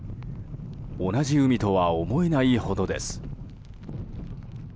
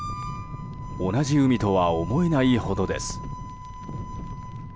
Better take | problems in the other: first | background sound (Harmonica); 15 dB below the speech

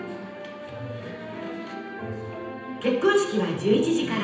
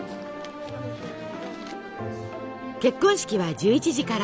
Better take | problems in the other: second | room echo; dies away in 0.9 s

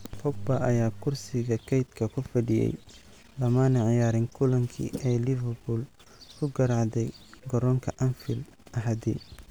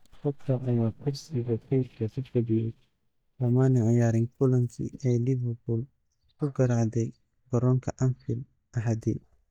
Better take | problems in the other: first | noise reduction (neural mask model DeepFilterNet 3)

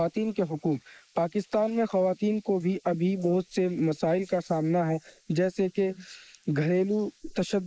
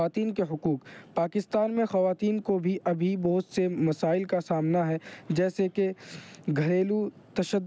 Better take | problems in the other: second | noise reduction (neural mask model Resemble Enhance denoiser)

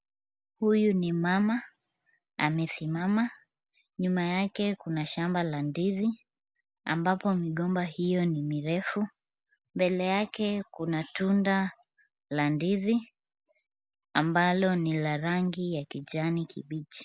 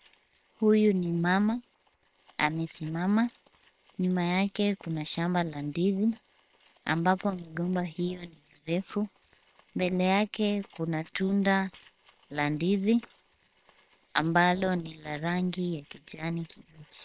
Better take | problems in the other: first | noise reduction (neural separator model SepFormer WHAM!)

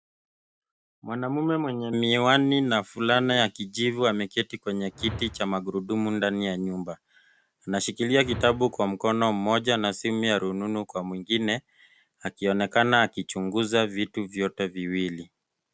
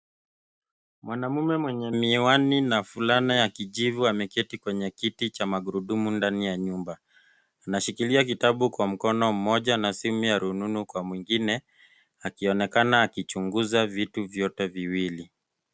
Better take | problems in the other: second | background sound (Whoosh, swoosh, swish); 16 dB below the speech

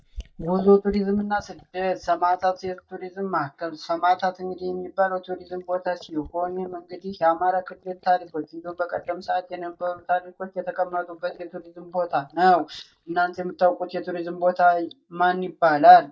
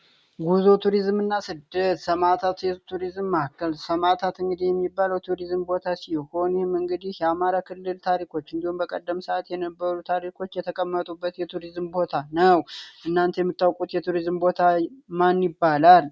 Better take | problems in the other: second | noise reduction (neural mask model DeepFilterNet 3)

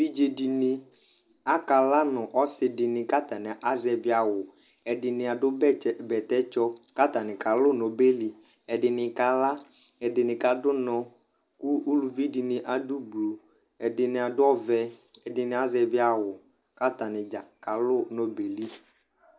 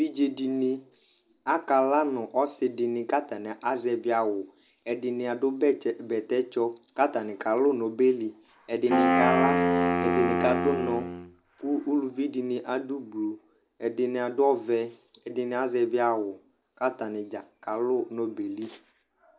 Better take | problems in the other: first | background sound (Wind instrument, woodwind instrument); 2 dB above the speech

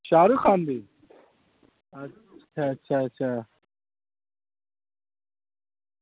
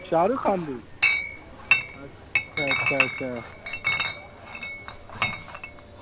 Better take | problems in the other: first | background sound (Chatter / Chink, clink); 3 dB above the speech

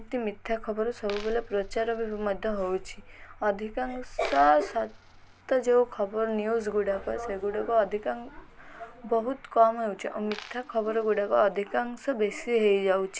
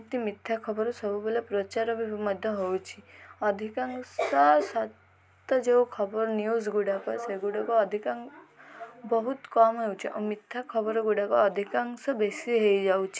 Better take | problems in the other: second | background sound (Coin (dropping) + Motor vehicle (road)); 17 dB below the speech

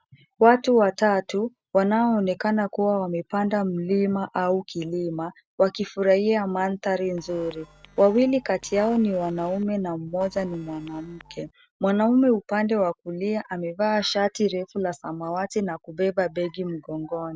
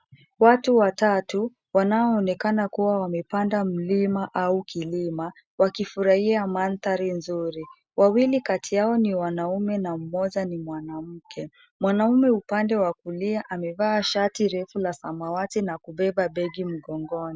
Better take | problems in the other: second | noise reduction (neural separator model SepFormer DNS4)

